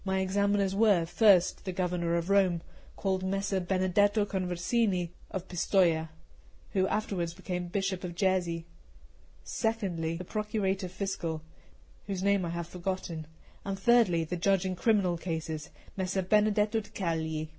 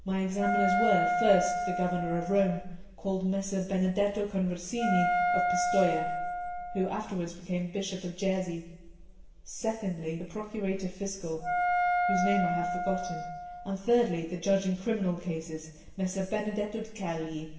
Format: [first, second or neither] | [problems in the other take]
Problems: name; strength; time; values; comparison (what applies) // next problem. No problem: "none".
first | background sound (Wind instrument, woodwind instrument); as loud as the speech // room echo; dies away in 1.1 s